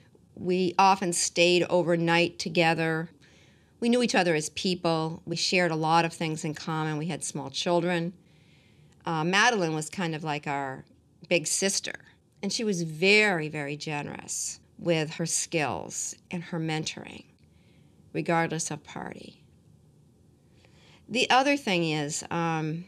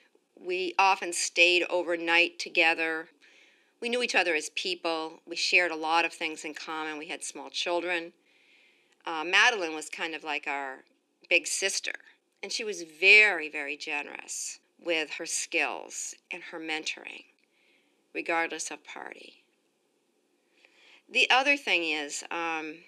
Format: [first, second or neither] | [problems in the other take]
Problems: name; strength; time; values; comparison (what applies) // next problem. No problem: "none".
first | thin; somewhat; fading below 300 Hz